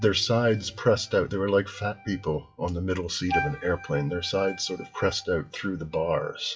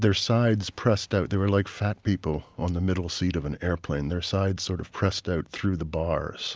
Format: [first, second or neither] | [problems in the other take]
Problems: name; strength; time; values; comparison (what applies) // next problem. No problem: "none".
second | noise reduction (classical method WPE with log-MMSE)